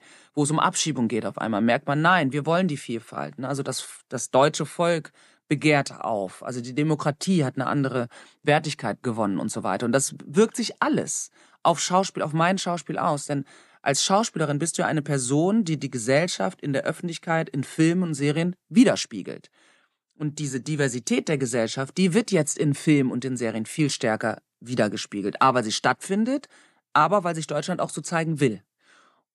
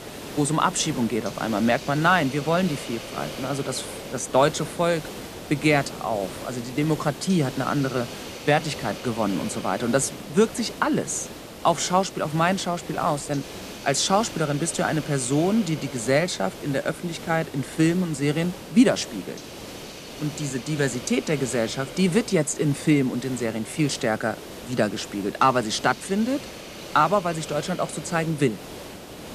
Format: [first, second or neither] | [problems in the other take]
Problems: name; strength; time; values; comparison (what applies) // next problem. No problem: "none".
first | hiss; noticeable; throughout; 10 dB below the speech